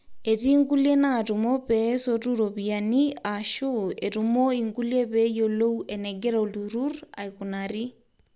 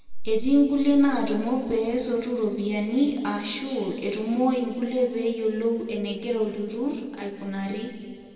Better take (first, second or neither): first